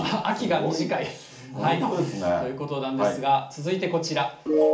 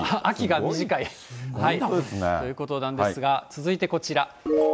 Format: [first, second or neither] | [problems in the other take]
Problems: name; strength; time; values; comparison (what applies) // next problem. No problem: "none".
second | room echo; dies away in 0.4 s